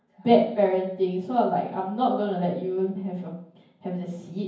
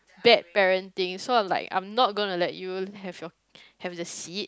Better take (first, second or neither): second